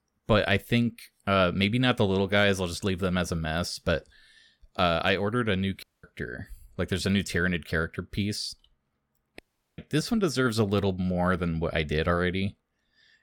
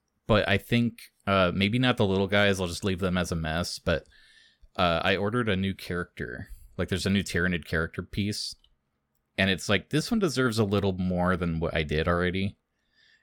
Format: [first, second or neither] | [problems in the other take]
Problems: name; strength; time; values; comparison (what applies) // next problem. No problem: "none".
second | audio cutting out; at 6 s and at 9.5 s